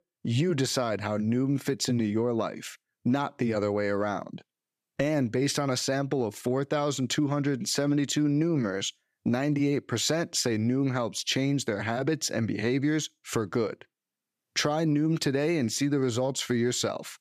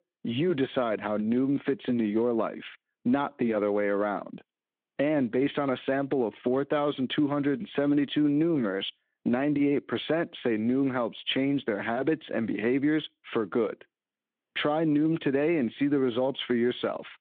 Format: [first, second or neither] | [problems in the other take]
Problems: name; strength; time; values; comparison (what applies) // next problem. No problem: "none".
first | phone-call audio